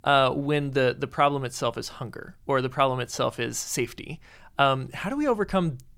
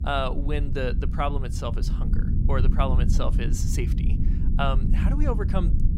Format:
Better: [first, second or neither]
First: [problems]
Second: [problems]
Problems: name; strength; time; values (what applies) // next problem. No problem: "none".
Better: first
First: none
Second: low rumble; loud; throughout; 9 dB below the speech